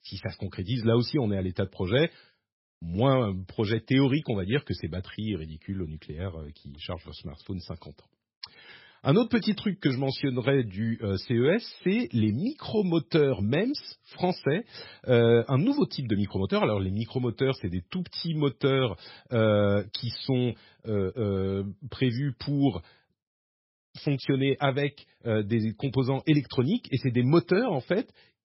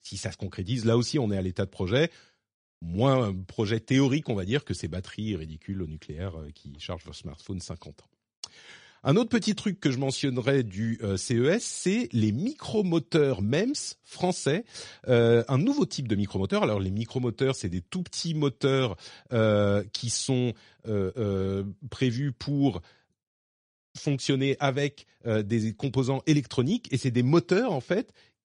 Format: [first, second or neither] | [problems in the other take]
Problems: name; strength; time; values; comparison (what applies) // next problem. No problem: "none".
second | garbled, watery; badly; nothing above 5.5 kHz; slightly in the second